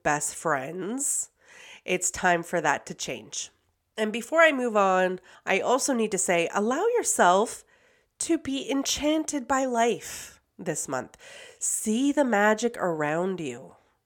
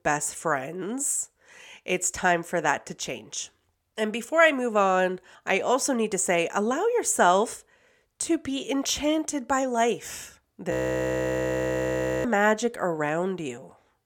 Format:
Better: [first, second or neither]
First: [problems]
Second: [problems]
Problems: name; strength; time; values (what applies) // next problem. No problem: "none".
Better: first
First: none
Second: audio freezing; at 11 s for 1.5 s